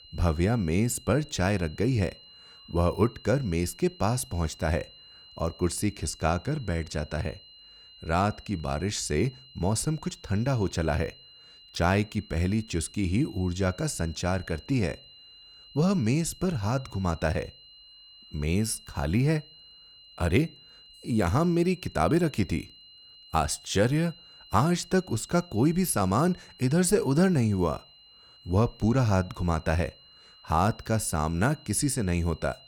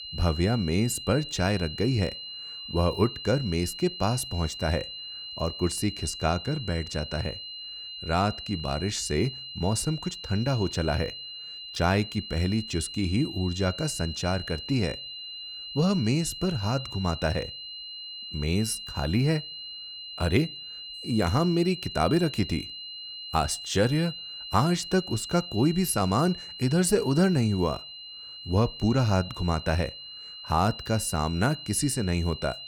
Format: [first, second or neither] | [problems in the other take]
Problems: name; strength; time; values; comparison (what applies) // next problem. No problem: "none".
first | high-pitched whine; loud; throughout; 4 kHz, 10 dB below the speech; faint in the first